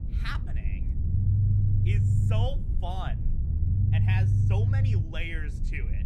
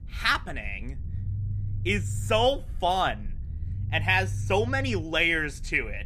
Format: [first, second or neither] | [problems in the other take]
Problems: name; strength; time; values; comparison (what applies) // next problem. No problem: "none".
second | low rumble; loud; throughout; 2 dB below the speech; faint in the second